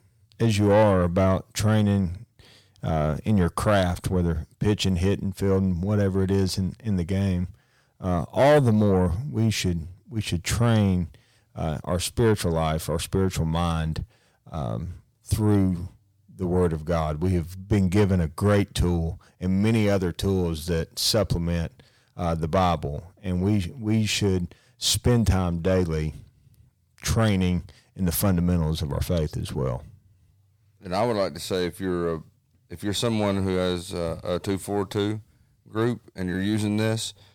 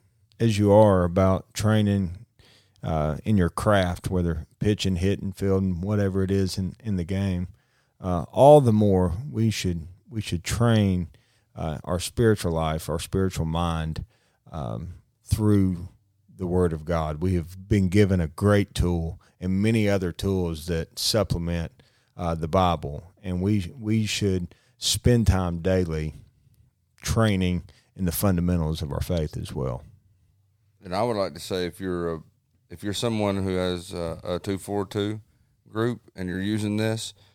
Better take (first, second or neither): second